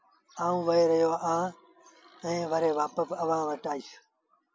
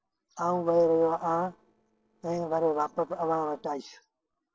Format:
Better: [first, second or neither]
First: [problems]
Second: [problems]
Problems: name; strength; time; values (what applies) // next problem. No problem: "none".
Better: first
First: none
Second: noise reduction (neural separator model SepFormer DNS4)